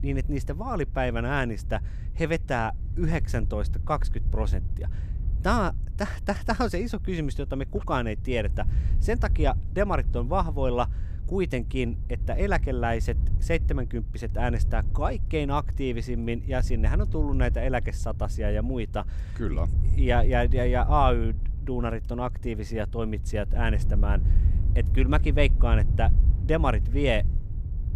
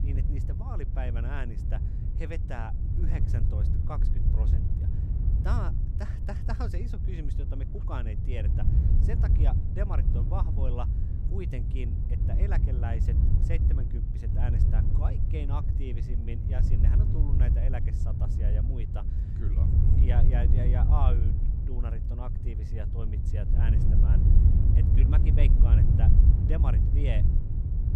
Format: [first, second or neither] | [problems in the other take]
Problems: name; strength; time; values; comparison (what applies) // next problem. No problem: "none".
first | wind noise on the microphone; heavy; as loud as the speech; occasional gusts in the first